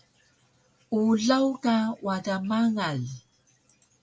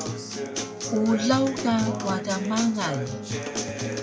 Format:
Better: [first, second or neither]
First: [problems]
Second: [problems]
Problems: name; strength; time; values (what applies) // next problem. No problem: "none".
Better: first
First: none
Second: background sound (Acoustic guitar); 4 dB below the speech